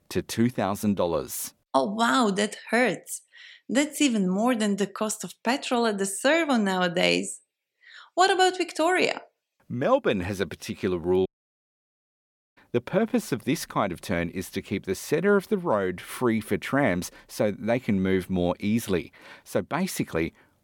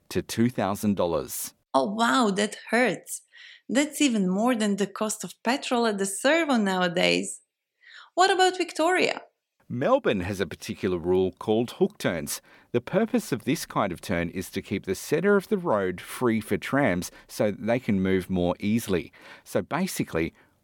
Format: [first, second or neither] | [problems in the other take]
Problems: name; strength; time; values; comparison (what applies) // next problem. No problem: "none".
second | audio cutting out; at 11 s for 1.5 s